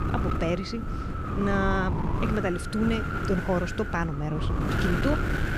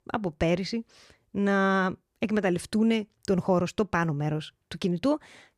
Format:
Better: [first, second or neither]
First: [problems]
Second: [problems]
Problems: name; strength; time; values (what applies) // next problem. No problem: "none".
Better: second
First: wind noise on the microphone; heavy; 2 dB below the speech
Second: none